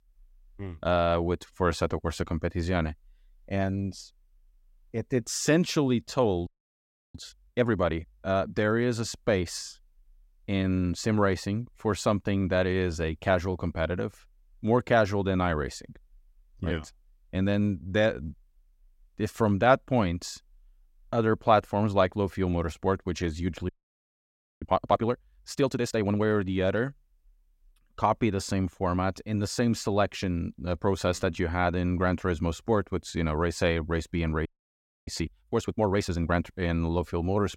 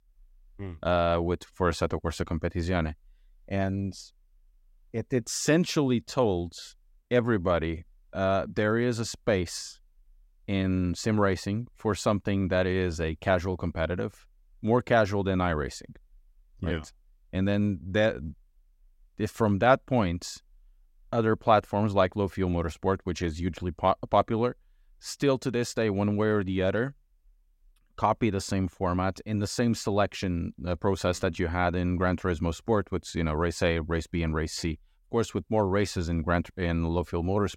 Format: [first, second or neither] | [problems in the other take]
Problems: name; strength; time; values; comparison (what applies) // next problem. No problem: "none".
second | audio freezing; at 6.5 s for 0.5 s, at 24 s for 1 s and at 34 s for 0.5 s